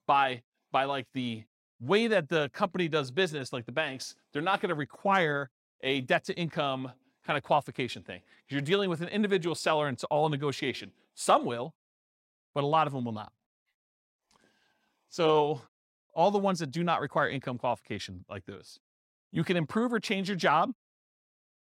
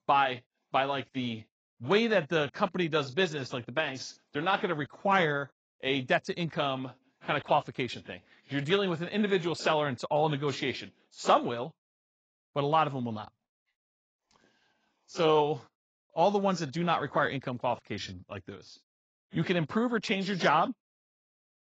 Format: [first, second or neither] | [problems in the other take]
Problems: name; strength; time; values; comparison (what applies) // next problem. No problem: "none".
first | garbled, watery; badly; nothing above 7.5 kHz